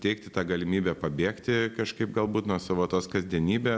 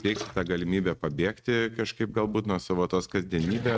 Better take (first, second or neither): first